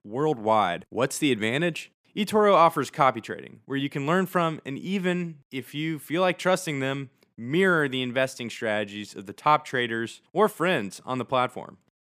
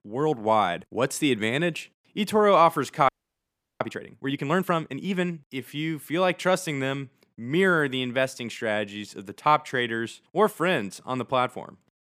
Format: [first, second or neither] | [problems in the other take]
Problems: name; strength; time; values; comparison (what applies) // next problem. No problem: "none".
first | audio freezing; at 3 s for 0.5 s